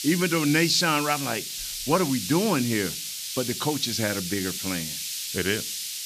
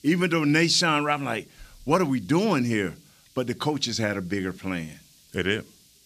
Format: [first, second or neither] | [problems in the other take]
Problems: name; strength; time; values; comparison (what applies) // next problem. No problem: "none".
second | hiss; loud; throughout; 5 dB below the speech; faint in the second